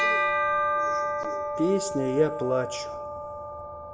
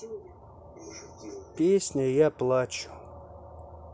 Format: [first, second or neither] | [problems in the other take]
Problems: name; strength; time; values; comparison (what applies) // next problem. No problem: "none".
second | background sound (Bell); 2 dB above the speech // room echo; dies away in 1 s